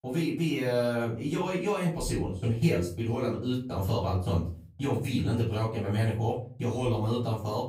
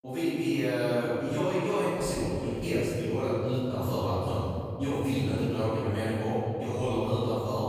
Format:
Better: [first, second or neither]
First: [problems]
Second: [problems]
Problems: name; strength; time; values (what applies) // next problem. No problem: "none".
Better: first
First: room echo; slight; dies away in 0.5 s // off-mic speech; far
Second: room echo; strong; dies away in 2.6 s // off-mic speech; far